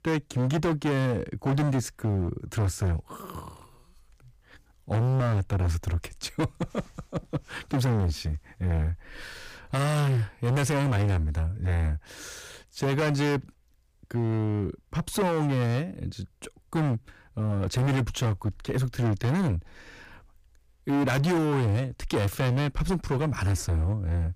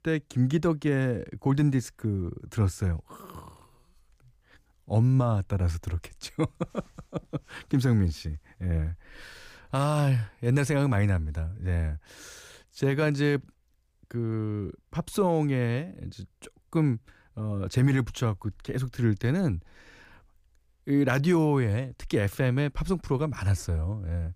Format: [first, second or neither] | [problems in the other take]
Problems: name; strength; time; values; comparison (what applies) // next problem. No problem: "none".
second | distortion; heavy; 18% of the sound clipped